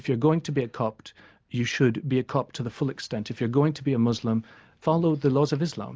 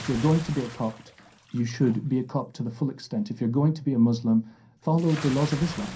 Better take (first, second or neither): first